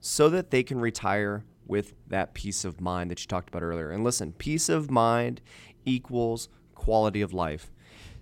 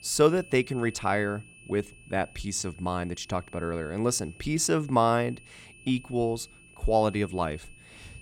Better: first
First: none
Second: high-pitched whine; faint; throughout; 2.5 kHz, 20 dB below the speech

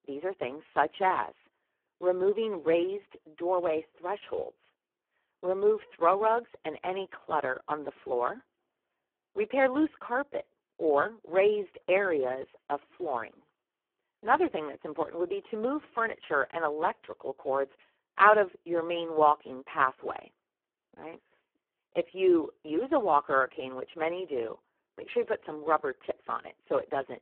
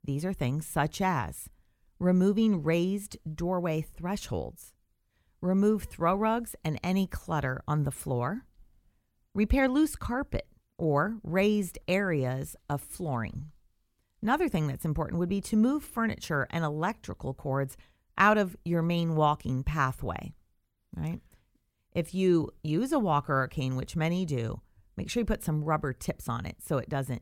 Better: second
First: phone-call audio; poor line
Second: none

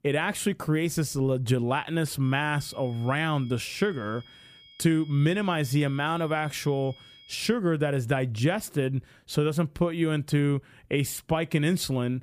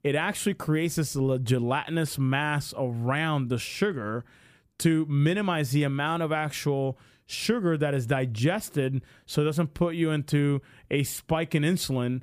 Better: second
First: high-pitched whine; faint; from 2 to 7.5 s; 3.5 kHz, 25 dB below the speech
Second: none

